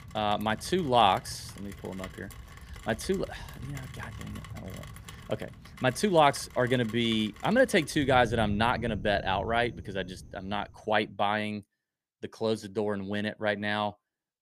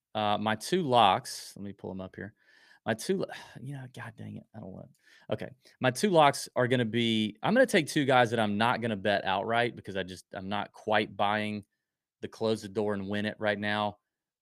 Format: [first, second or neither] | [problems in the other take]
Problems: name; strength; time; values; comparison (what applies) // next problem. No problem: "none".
second | rain or running water; noticeable; until 11 s; 15 dB below the speech